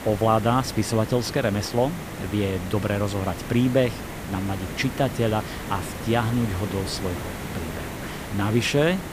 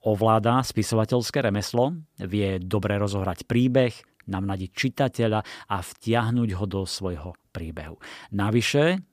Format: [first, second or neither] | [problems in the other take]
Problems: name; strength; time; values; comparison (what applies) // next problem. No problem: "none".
second | hiss; loud; throughout; 9 dB below the speech